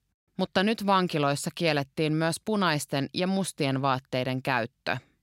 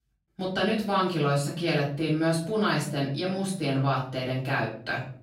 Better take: first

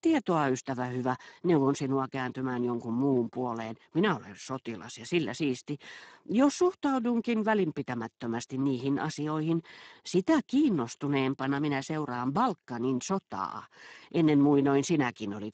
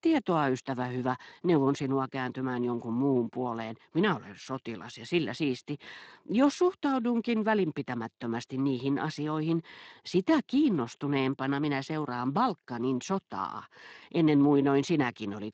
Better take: second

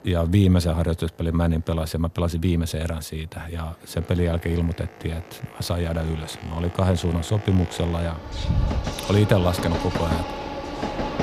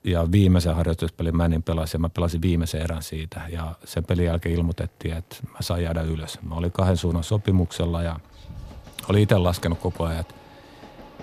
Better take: second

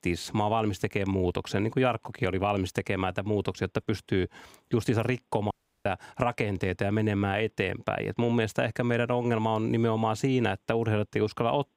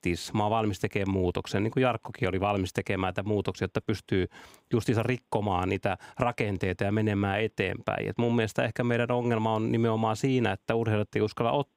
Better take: second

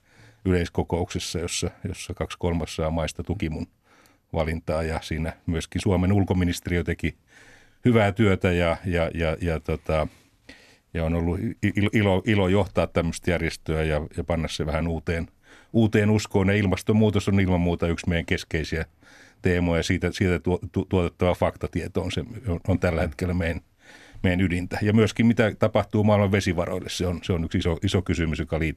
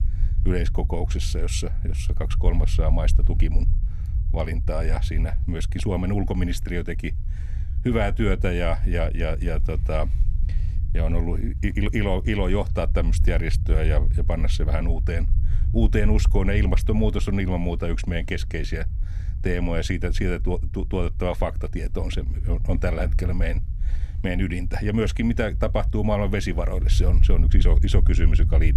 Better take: first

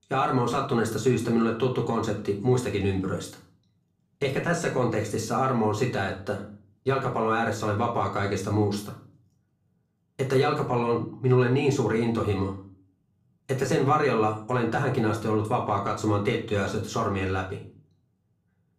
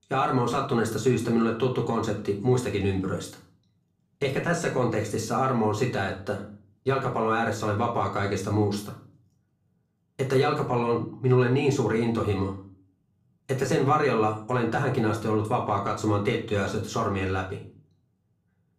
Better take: neither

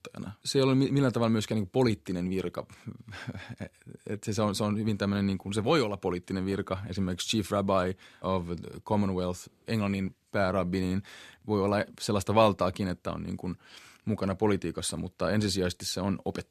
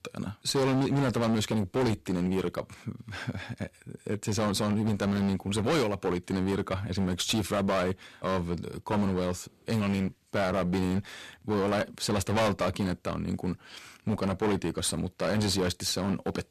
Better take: first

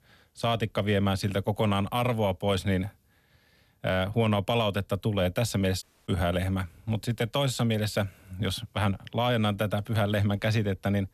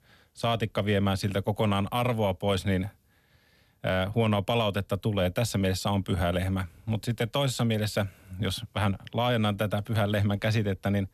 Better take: second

